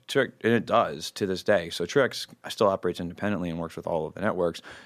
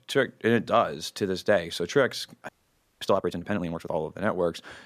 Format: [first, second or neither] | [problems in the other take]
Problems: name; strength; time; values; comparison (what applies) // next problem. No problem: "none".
first | audio freezing; at 2.5 s for 0.5 s